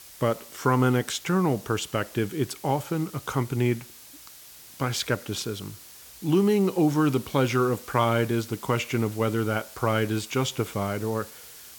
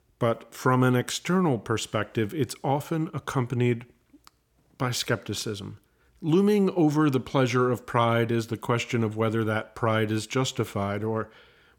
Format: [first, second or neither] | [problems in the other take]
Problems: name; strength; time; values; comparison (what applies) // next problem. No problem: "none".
second | hiss; noticeable; throughout; 20 dB below the speech